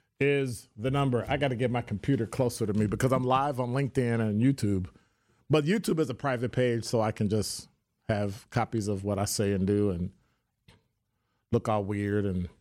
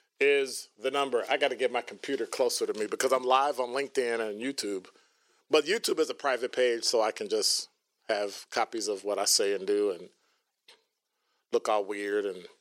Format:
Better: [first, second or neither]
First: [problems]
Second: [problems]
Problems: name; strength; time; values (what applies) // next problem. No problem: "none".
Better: first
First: none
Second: thin; very; fading below 400 Hz